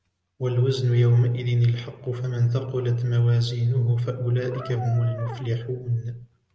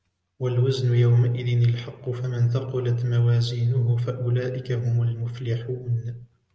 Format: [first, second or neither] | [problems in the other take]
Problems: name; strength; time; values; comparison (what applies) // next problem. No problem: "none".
second | background sound (Brass instrument); 16 dB below the speech